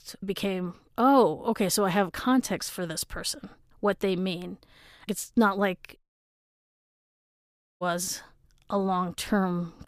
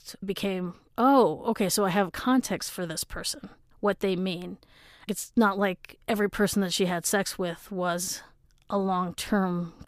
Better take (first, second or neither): second